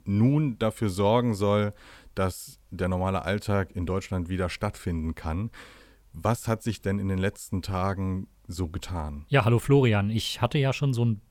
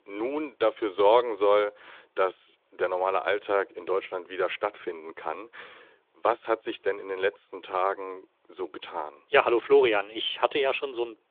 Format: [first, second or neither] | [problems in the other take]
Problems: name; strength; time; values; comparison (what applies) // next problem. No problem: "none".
first | phone-call audio